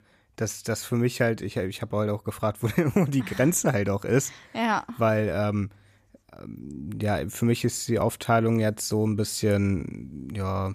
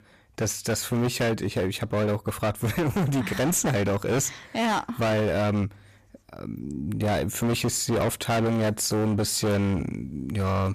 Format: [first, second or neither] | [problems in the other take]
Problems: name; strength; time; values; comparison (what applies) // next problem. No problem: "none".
first | distortion; heavy; 22% of the sound clipped